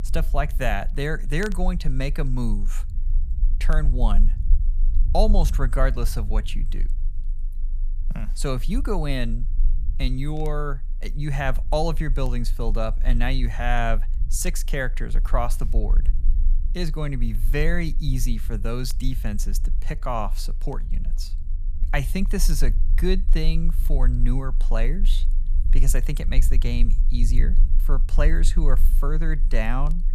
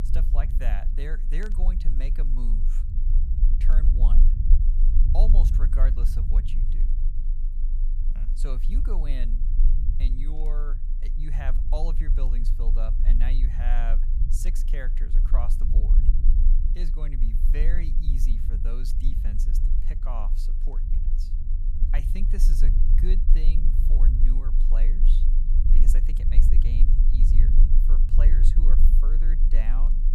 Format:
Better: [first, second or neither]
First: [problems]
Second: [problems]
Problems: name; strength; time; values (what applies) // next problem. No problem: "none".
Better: first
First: low rumble; faint; throughout; 20 dB below the speech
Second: low rumble; loud; throughout; 5 dB below the speech